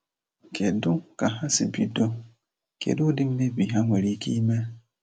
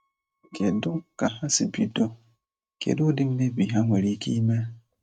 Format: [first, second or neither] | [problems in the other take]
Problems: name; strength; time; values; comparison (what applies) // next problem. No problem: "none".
first | noise reduction (neural mask model RNNoise)